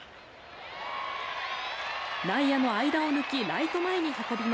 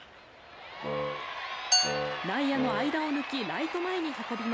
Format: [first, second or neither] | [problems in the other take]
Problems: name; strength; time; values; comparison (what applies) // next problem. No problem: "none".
first | background sound (Glass + Wind instrument, woodwind instrument); 1 dB below the speech